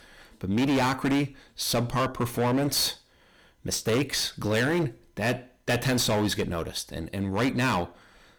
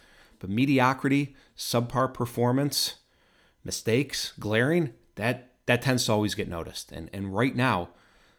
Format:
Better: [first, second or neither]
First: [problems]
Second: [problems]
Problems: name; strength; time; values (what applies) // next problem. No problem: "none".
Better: second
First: distortion; heavy; 15% of the sound clipped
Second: none